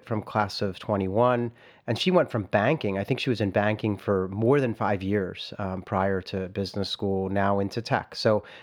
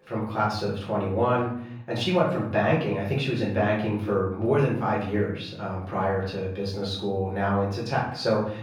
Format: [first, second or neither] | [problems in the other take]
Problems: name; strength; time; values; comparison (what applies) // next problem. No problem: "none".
first | room echo; noticeable; dies away in 0.6 s // off-mic speech; far